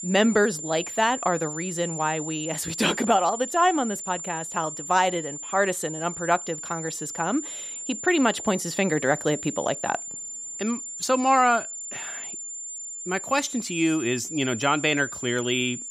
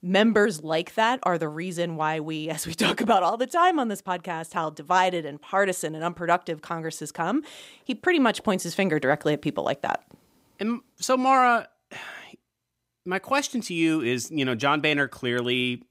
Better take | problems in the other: second | high-pitched whine; loud; throughout; 7 kHz, 8 dB below the speech

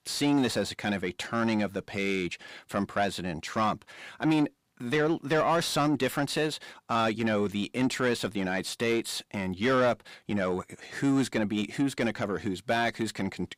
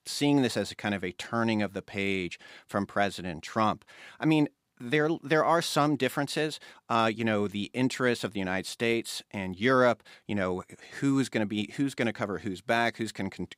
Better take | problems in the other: second | distortion; slight; 10 dB below the speech

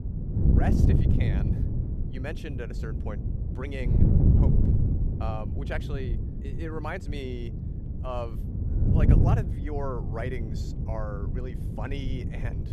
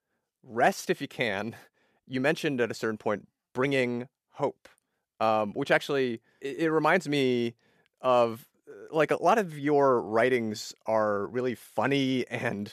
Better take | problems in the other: second | wind noise on the microphone; heavy; 1 dB below the speech

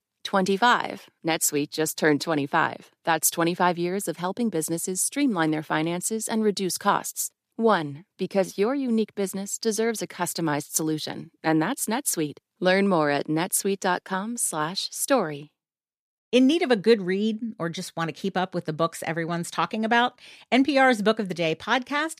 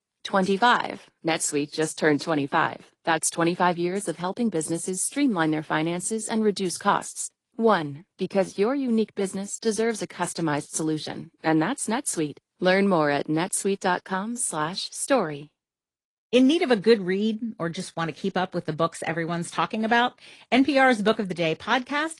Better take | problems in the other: first | garbled, watery; slightly; nothing above 10.5 kHz

